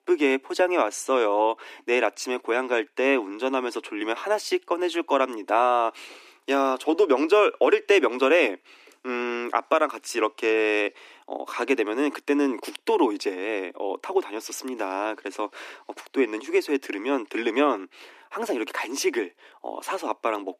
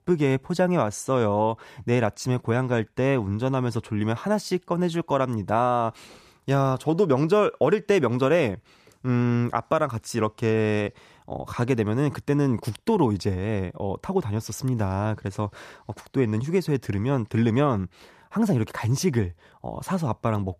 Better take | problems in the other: second | thin; somewhat; fading below 250 Hz

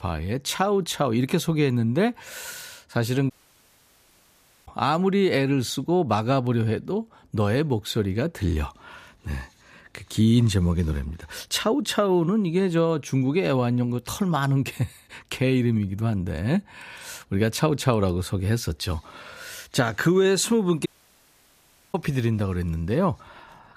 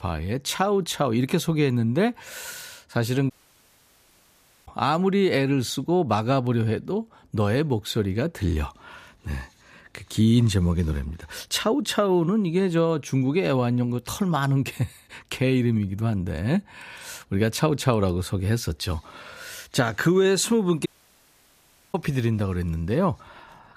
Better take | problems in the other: neither | audio cutting out; at 3.5 s for 1.5 s and at 21 s for 1 s; the same in both

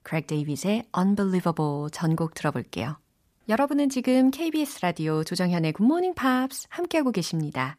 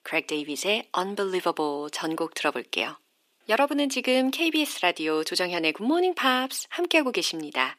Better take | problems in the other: first | thin; somewhat; fading below 350 Hz

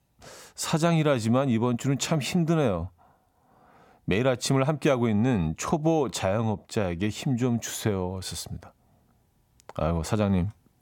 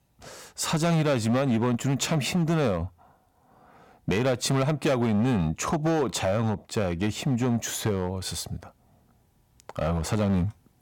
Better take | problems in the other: first | distortion; slight; 10% of the sound clipped

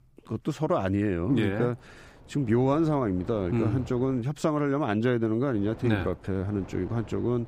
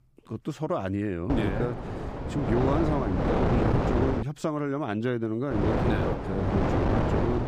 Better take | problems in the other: first | wind noise on the microphone; heavy; from 1.5 to 4 s and from 5.5 s on; 2 dB above the speech; occasional gusts in the first

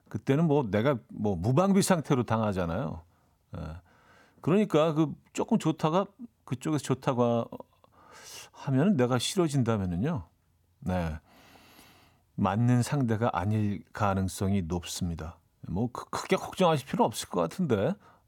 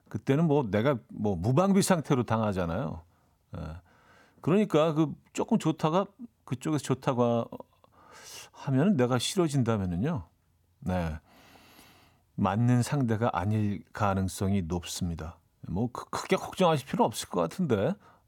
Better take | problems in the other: neither | none

